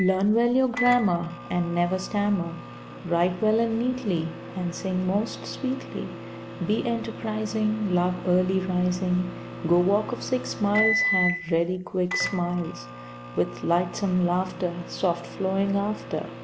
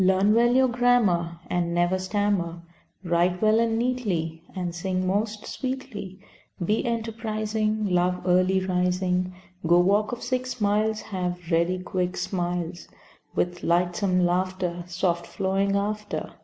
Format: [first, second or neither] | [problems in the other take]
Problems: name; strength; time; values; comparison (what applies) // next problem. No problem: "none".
second | background sound (Microwave oven); 9 dB below the speech